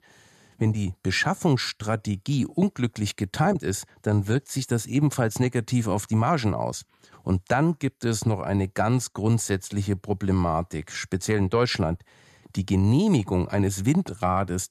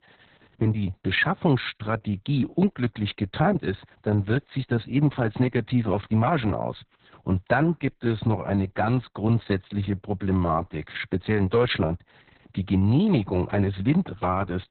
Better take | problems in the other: first | garbled, watery; badly; nothing above 4 kHz

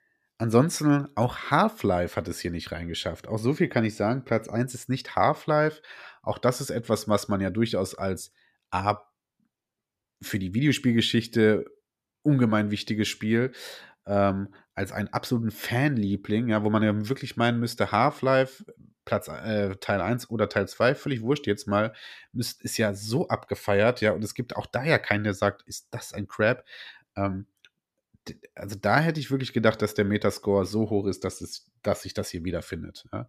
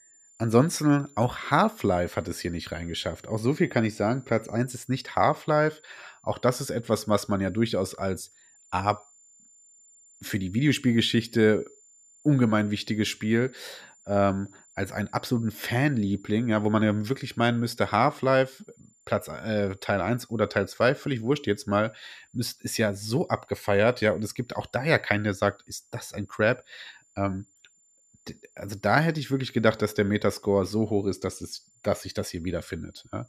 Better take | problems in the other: first | high-pitched whine; faint; throughout; 7 kHz, 30 dB below the speech

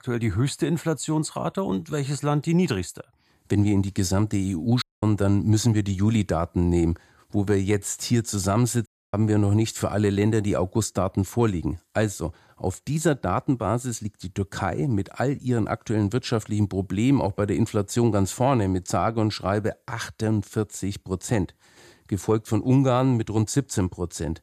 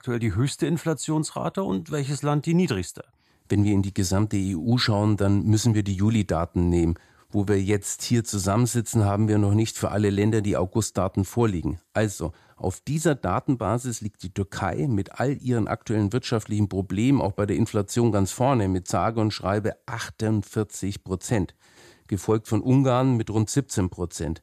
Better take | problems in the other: second | audio cutting out; at 5 s and at 9 s

